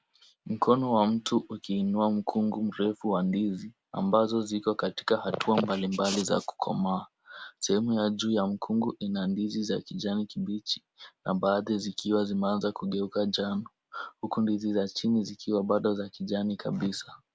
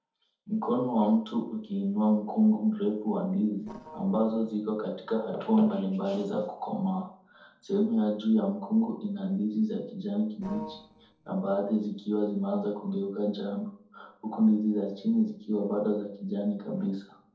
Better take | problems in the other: first | noise reduction (neural separator model SepFormer DNS4)

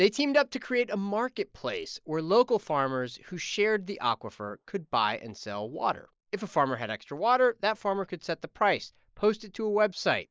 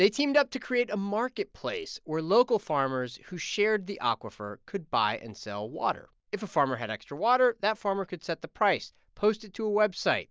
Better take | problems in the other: second | noise reduction (neural mask model Resemble Enhance denoiser)

